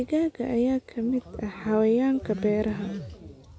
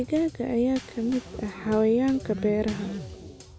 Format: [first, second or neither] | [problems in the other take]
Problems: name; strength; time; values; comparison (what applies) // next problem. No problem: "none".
first | background sound (Bass drum / Snare drum / Drum kit); 19 dB below the speech